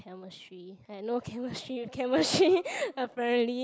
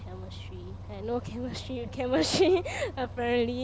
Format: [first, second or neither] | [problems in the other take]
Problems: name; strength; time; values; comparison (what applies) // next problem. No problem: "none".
first | background sound (Bus); 11 dB below the speech